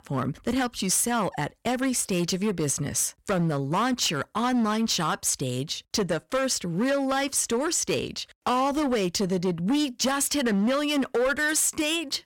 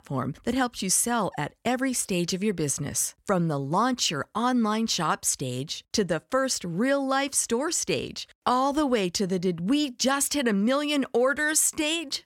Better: second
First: distortion; slight; 13% of the sound clipped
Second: none

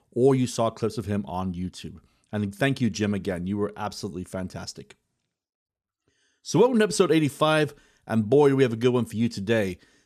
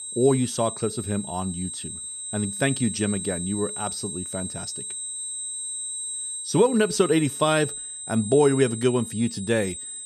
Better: first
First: none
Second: high-pitched whine; loud; throughout; 8 kHz, 7 dB below the speech

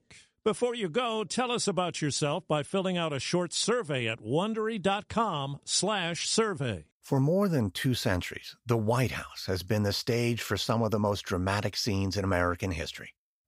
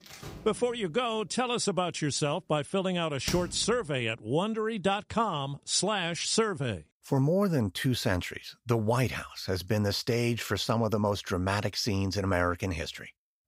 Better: first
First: none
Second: door banging; noticeable; until 4 s; peak 7 dB below the speech

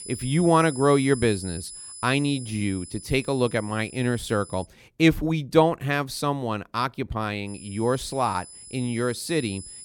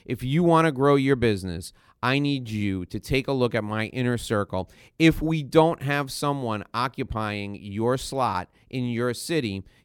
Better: second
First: high-pitched whine; noticeable; until 4.5 s and from 7.5 s on; 10 kHz, 15 dB below the speech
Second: none

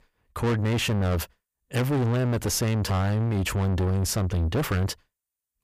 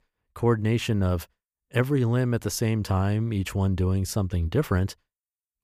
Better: second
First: distortion; heavy; 7 dB below the speech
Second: none

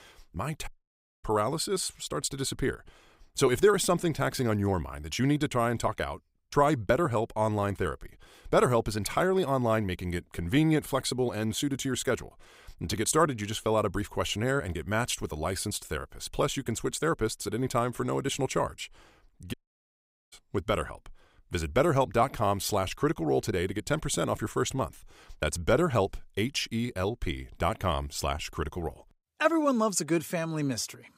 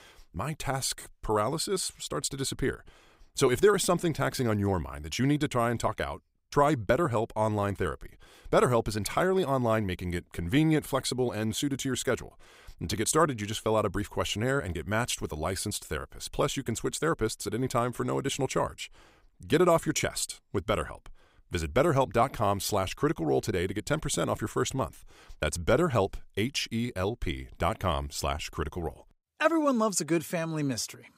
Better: second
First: audio cutting out; at 0.5 s for 0.5 s and at 20 s for 1 s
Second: none

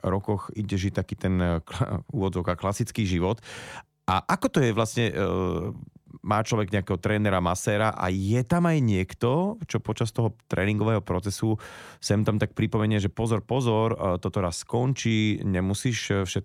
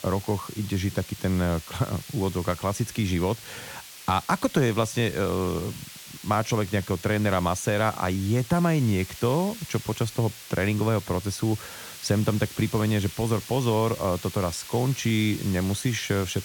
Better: first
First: none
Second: hiss; noticeable; throughout; 15 dB below the speech

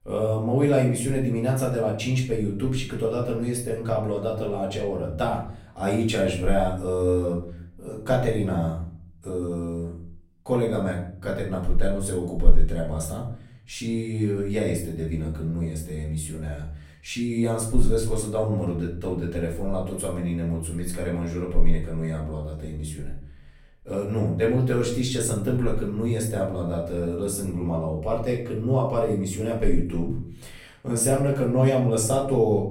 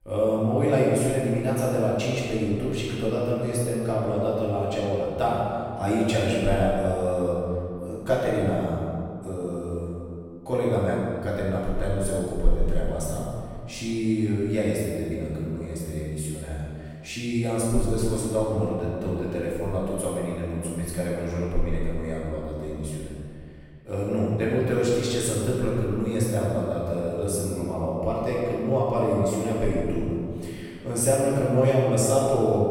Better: first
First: room echo; slight; dies away in 0.5 s // off-mic speech; far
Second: room echo; strong; dies away in 2 s // off-mic speech; far

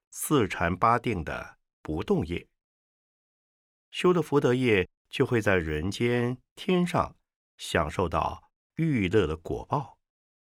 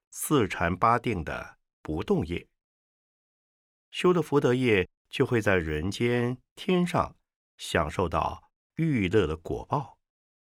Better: neither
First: none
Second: none

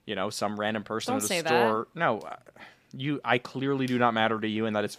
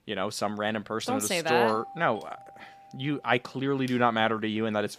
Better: first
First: none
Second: doorbell; faint; from 1.5 to 3.5 s; peak 15 dB below the speech

